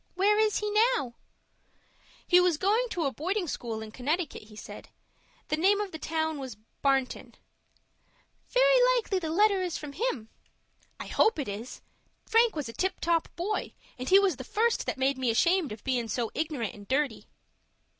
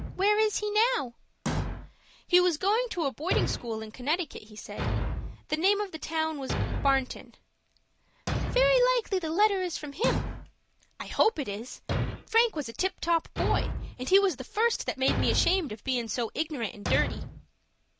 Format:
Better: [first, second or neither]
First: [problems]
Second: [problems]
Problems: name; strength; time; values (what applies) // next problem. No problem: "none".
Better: first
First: none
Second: background sound (Thump, thud); 6 dB below the speech